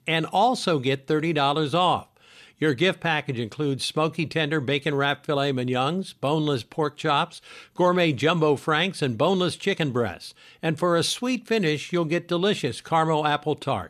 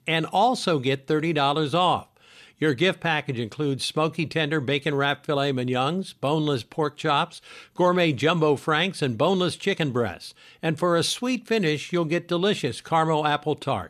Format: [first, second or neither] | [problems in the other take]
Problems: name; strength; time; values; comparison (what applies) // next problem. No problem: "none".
neither | none